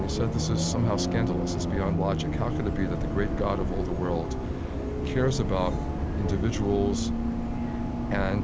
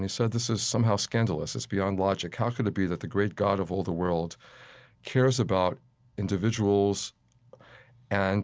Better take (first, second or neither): second